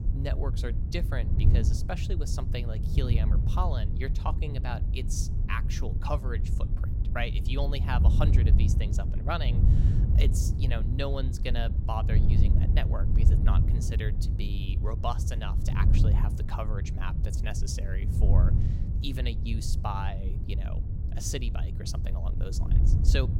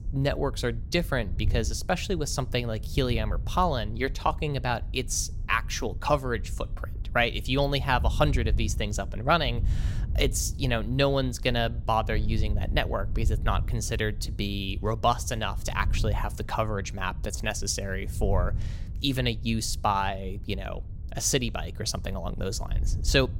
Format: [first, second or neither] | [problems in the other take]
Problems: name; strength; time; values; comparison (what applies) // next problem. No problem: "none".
second | wind noise on the microphone; heavy; 5 dB below the speech; occasional gusts in the second